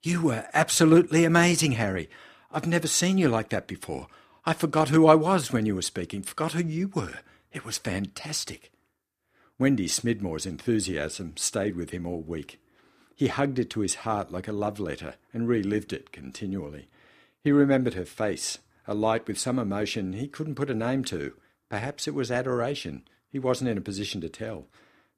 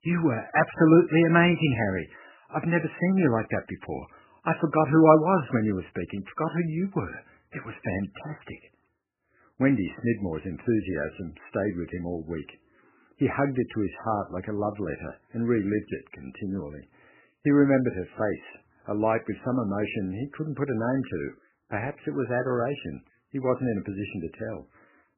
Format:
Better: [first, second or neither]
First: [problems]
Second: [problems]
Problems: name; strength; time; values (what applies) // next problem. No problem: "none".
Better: first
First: none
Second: garbled, watery; badly; nothing above 3 kHz